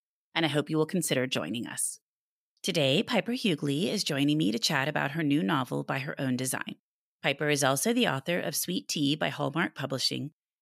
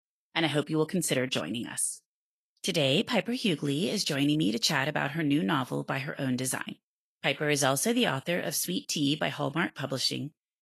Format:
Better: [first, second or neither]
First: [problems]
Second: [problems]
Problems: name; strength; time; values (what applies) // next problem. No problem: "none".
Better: first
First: none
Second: garbled, watery; slightly; nothing above 12.5 kHz